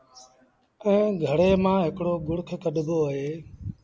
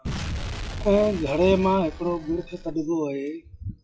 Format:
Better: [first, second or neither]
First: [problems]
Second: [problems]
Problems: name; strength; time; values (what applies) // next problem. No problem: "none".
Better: first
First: none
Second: noise reduction (classical method WPE with log-MMSE)